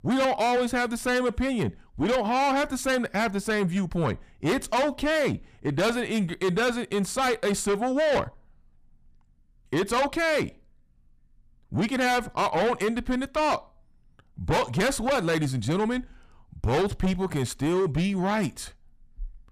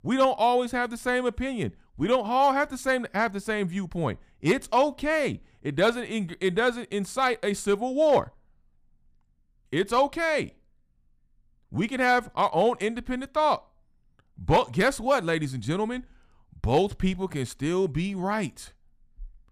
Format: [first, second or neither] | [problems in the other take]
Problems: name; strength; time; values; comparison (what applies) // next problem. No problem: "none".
second | distortion; heavy; 6 dB below the speech